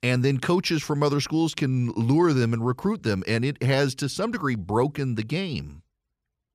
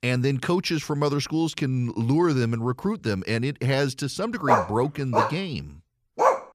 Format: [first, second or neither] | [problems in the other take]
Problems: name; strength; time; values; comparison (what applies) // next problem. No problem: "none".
first | dog barking; loud; from 4.5 s on; peak 3 dB above the speech